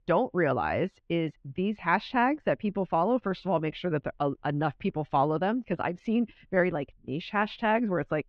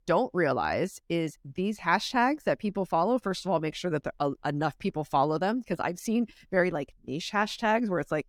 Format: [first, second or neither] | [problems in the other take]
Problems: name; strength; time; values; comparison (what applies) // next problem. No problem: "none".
second | muffled; slightly; fading above 3 kHz